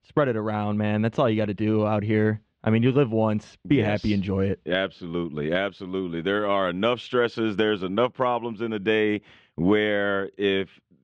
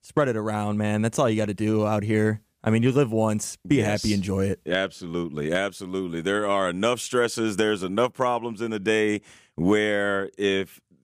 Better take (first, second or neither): second